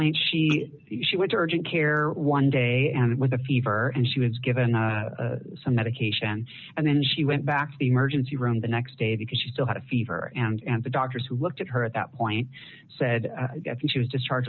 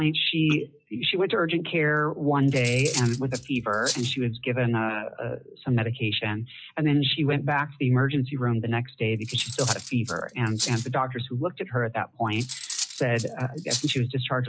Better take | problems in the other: first | noise reduction (classical method log-MMSE)

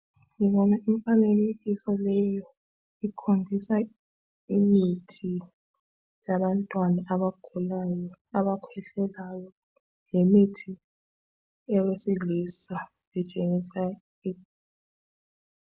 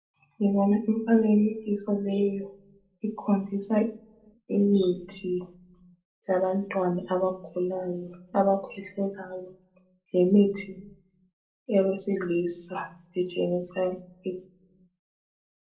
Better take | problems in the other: first | room echo; dies away in 0.2 s

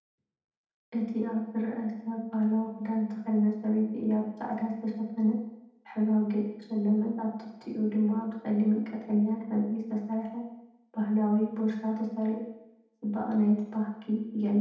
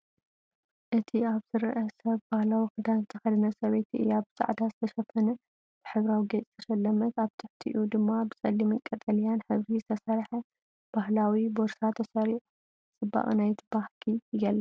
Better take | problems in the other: second | room echo; dies away in 0.8 s

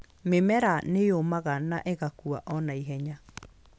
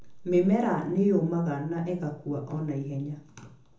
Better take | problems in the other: first | room echo; dies away in 0.6 s

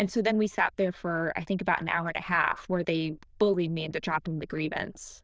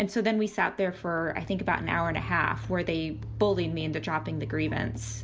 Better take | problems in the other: second | noise reduction (neural diffusion model UNIVERSE++)

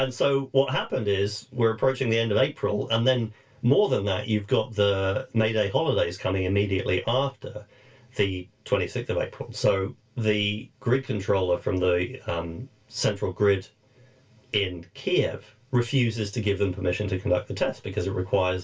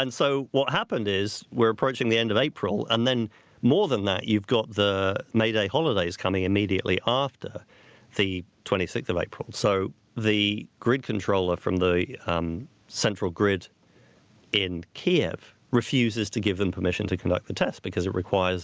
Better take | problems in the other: second | room echo; dies away in 0.2 s

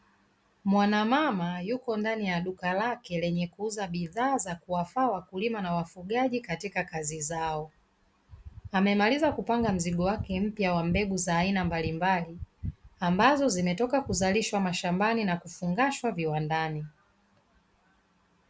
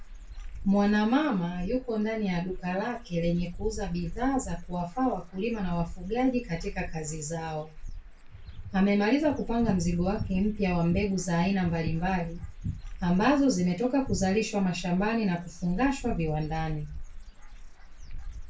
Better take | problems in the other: first | background sound (Bird / Dog); 10 dB below the speech // room echo; dies away in 0.2 s

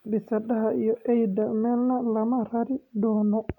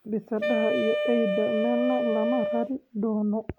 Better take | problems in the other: first | background sound (Wind instrument, woodwind instrument); 1 dB below the speech

